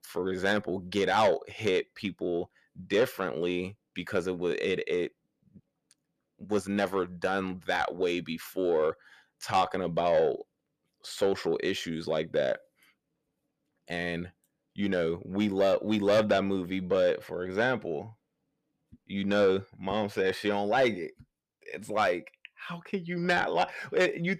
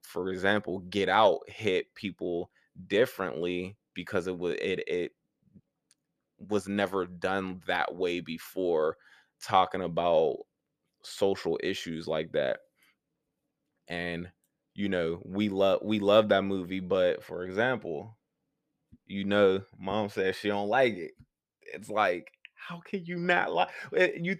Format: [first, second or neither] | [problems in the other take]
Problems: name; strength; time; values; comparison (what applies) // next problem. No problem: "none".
second | distortion; slight; 10 dB below the speech